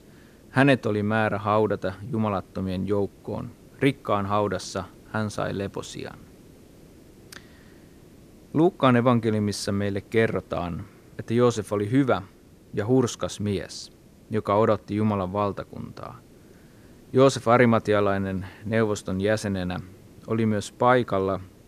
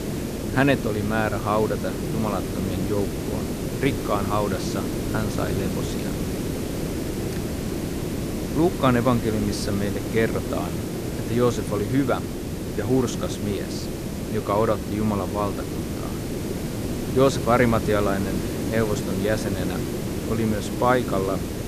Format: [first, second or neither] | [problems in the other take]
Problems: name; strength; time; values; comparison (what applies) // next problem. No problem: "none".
first | hiss; loud; throughout; 3 dB below the speech; faint in the first